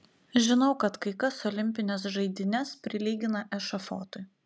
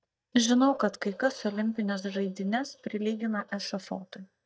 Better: first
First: none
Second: noise reduction (neural mask model DeepFilterNet 3)

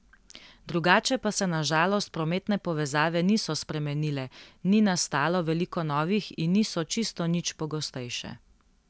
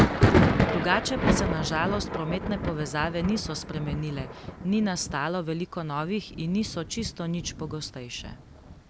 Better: first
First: none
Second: background sound (Thunder); 2 dB above the speech

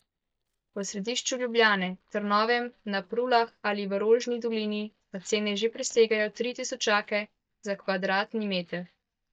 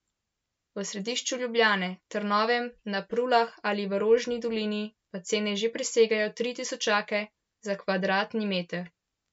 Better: second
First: noise reduction (neural mask model DeepFilterNet 3)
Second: none

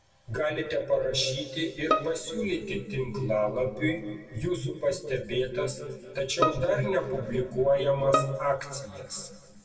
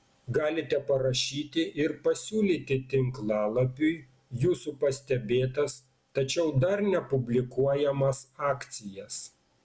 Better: second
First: background sound (Bowed string instrument); 4 dB below the speech // room echo; dies away in 2.1 s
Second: none

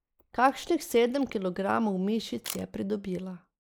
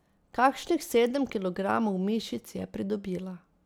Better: second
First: noise reduction (neural mask model Resemble Enhance denoiser)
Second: none

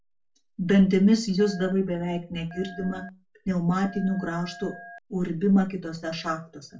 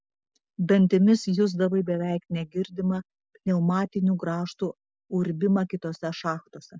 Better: second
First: background sound (Telephone); 20 dB below the speech // room echo; dies away in 0.2 s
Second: none

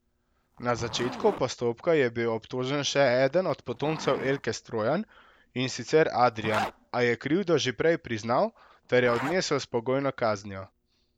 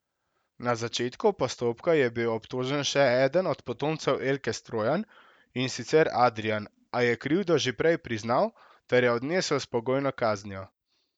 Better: second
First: background sound (Zipper (clothing)); 15 dB below the speech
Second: none

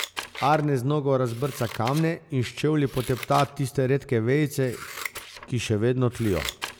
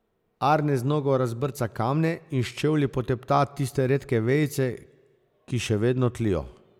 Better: second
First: background sound (Scissors); 14 dB below the speech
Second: none

